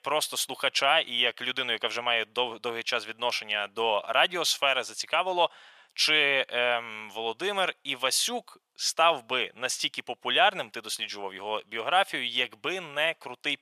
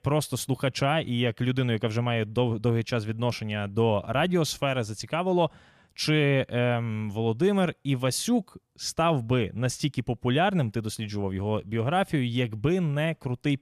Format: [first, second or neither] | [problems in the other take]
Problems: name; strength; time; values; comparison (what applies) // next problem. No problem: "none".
second | thin; very; fading below 800 Hz